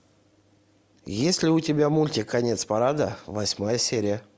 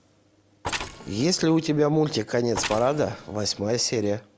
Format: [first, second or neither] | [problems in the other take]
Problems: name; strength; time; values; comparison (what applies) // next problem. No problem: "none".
first | background sound (Mechanisms); 12 dB below the speech